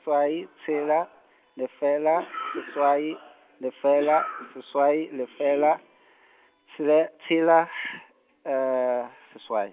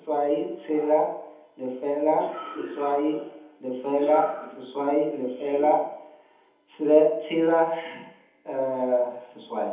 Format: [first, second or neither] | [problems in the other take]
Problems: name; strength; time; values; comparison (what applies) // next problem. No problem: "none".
first | room echo; dies away in 1.3 s